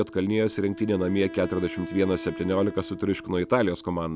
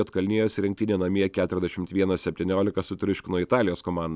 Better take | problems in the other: second | background sound (Wind instrument, woodwind instrument); 14 dB below the speech

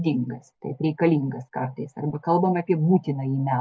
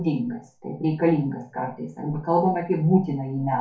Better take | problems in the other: first | room echo; dies away in 0.3 s

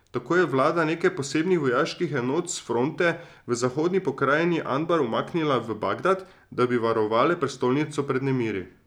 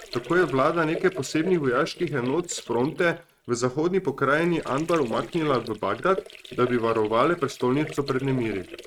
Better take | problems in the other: first | noise reduction (neural mask model RNNoise)

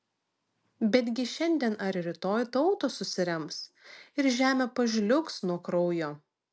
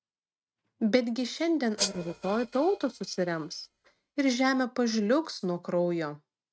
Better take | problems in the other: first | noise reduction (neural mask model RNNoise)

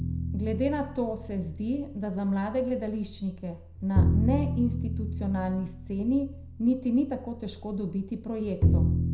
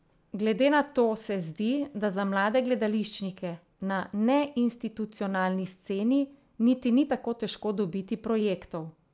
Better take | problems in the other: second | background sound (Bowed string instrument); as loud as the speech // room echo; dies away in 0.5 s

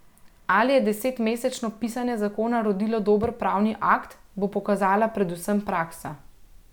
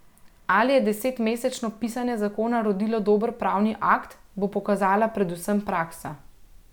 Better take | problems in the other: second | background sound (Thump, thud); 17 dB below the speech

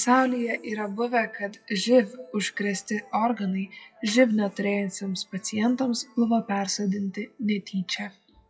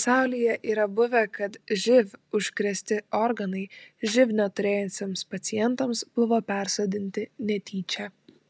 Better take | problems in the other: second | noise reduction (classical method WPE with log-MMSE)

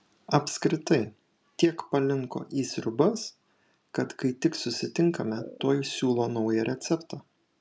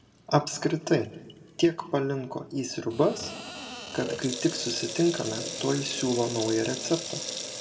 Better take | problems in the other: first | background sound (Sink (filling or washing) / Water tap, faucet); 10 dB below the speech // room echo; dies away in 0.8 s

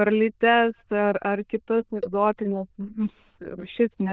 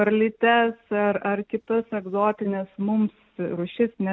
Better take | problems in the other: second | noise reduction (neural diffusion model UNIVERSE++)

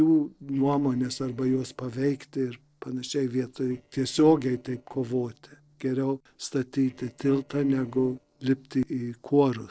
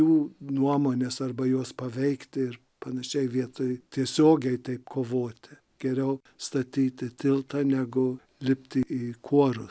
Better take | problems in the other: second | noise reduction (neural separator model SepFormer DNS4)

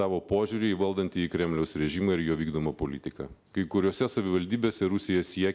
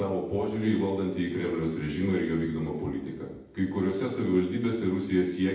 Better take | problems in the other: first | room echo; dies away in 0.8 s

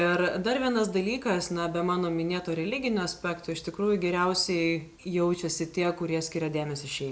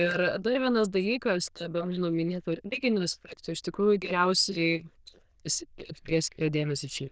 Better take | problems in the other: first | noise reduction (neural diffusion model UNIVERSE++)

